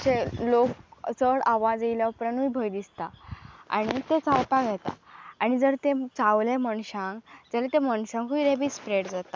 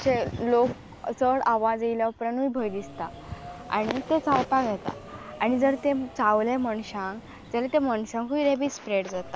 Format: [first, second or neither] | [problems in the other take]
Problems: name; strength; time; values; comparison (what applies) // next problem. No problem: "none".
first | background sound (Subway, metro, underground); 18 dB below the speech